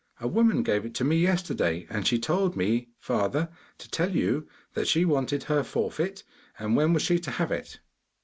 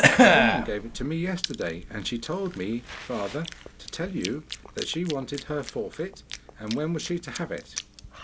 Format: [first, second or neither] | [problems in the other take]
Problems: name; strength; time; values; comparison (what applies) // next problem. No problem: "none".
first | background sound (Chewing, mastication / Cough); 3 dB above the speech